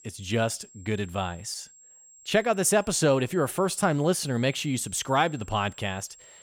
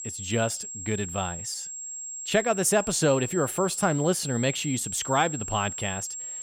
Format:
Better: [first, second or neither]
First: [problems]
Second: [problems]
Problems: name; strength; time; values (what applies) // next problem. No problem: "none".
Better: first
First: high-pitched whine; faint; throughout; 7.5 kHz, 25 dB below the speech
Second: high-pitched whine; loud; throughout; 7.5 kHz, 7 dB below the speech